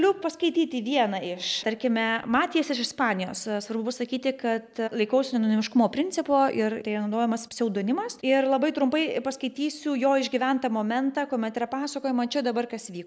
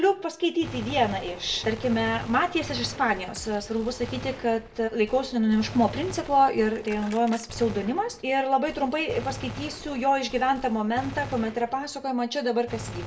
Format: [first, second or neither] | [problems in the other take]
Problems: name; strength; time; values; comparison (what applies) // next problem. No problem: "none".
first | background sound (Gunshot, gunfire); 13 dB below the speech // room echo; dies away in 0.2 s